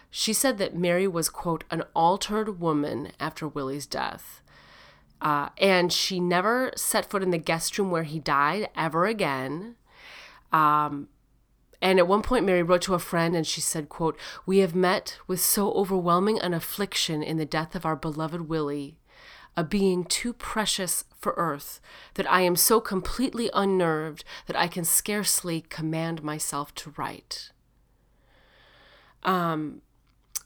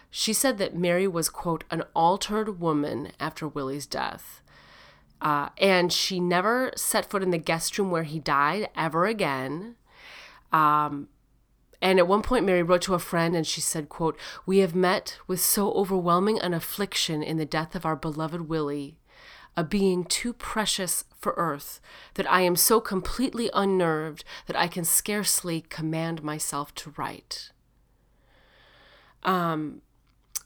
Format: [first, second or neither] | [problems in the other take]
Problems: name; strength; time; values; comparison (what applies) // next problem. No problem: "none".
neither | none